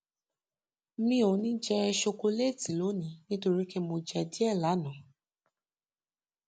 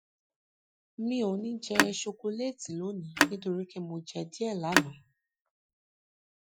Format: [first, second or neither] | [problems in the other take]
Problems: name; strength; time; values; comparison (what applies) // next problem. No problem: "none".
first | noise reduction (classical method Wiener filter)